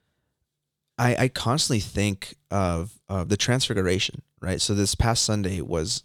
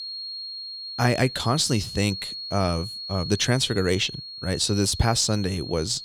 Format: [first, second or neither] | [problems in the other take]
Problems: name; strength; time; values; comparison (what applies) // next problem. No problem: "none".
first | high-pitched whine; loud; throughout; 4.5 kHz, 9 dB below the speech